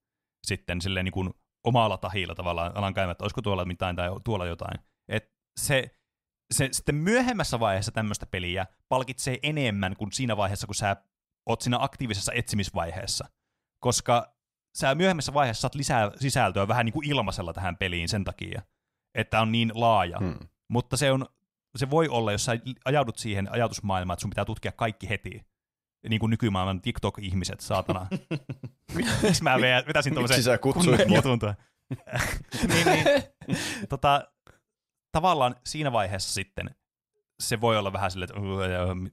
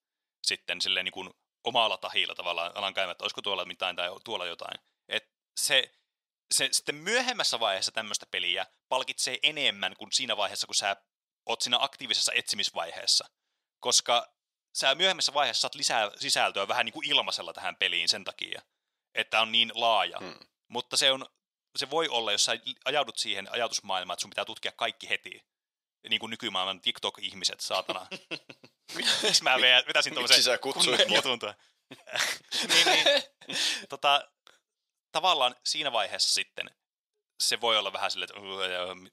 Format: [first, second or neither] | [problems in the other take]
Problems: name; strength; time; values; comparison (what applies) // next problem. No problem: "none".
first | thin; very; fading below 450 Hz